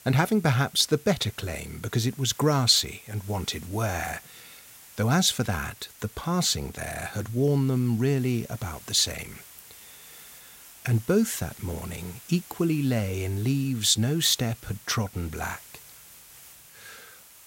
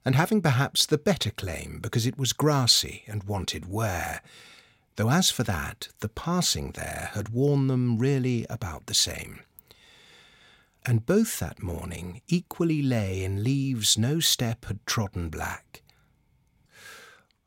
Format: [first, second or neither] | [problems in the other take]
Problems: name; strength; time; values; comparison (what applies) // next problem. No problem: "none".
second | hiss; faint; throughout; 20 dB below the speech